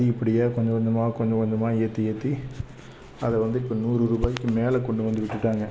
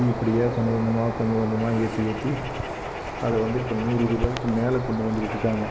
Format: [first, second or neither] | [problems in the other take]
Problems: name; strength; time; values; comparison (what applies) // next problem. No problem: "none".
first | background sound (Bird); 8 dB below the speech